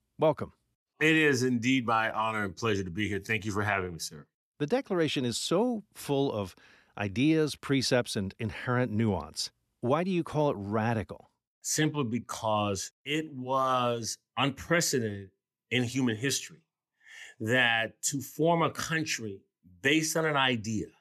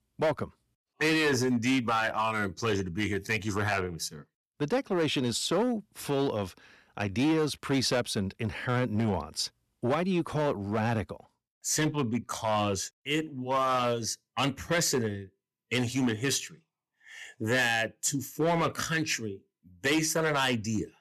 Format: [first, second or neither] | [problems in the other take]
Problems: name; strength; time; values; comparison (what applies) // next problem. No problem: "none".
first | distortion; slight; 7% of the sound clipped